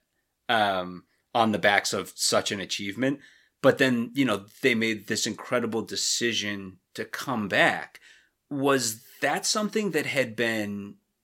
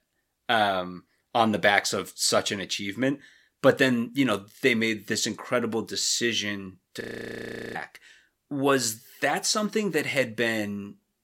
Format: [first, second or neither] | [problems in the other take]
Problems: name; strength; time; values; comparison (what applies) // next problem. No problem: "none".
first | audio freezing; at 7 s for 0.5 s